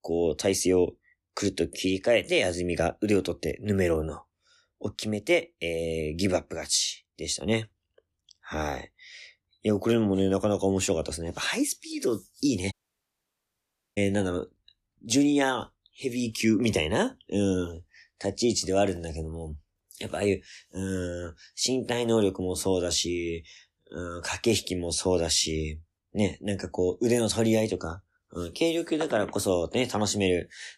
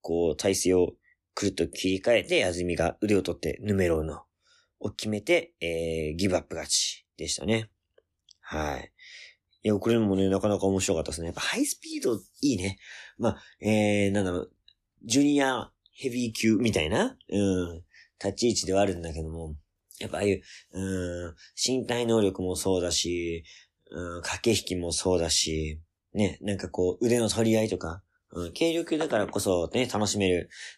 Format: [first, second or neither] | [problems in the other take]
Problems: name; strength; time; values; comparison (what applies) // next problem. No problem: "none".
second | audio cutting out; at 13 s for 1 s